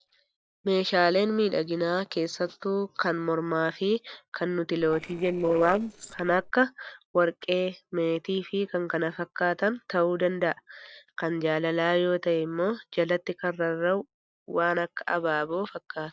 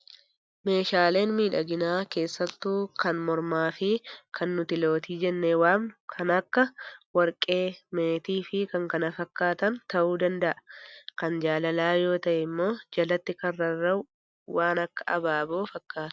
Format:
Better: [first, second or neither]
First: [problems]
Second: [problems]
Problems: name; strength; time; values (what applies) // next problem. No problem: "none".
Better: second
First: noise reduction (neural separator model SepFormer DNS4)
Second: none